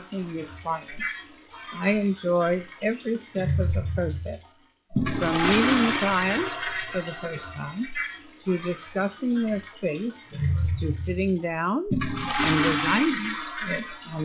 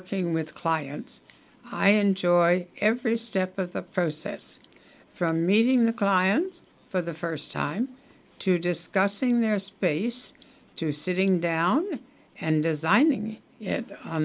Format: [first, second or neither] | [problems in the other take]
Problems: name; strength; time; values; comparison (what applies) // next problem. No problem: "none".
second | noise reduction (classical method log-MMSE)